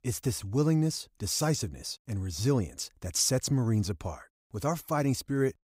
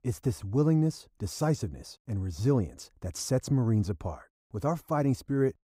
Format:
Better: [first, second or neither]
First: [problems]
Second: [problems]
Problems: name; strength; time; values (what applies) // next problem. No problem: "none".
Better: first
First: none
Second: muffled; slightly; fading above 1.5 kHz